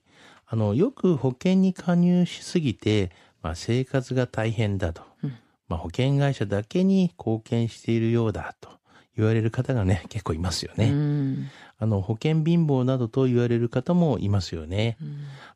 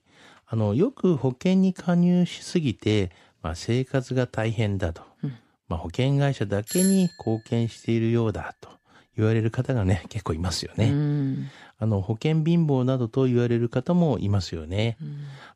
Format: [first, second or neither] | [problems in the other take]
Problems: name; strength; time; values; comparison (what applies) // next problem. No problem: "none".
first | doorbell; noticeable; at 6.5 s; peak 4 dB below the speech